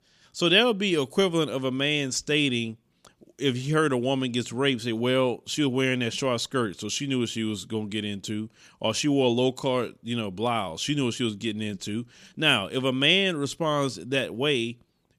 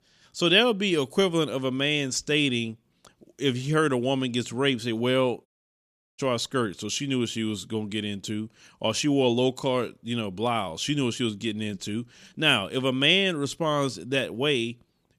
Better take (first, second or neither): first